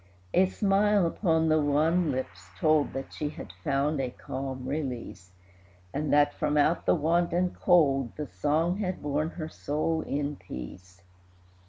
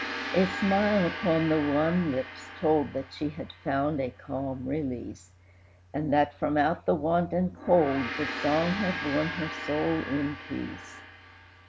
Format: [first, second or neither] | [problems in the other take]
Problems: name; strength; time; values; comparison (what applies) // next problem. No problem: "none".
first | background sound (Gong); 10 dB below the speech